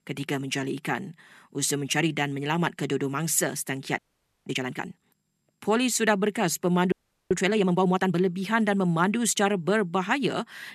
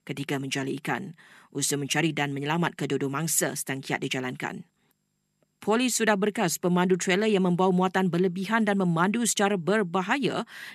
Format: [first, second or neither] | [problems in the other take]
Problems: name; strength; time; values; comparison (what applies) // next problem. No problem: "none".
second | audio freezing; at 4 s and at 7 s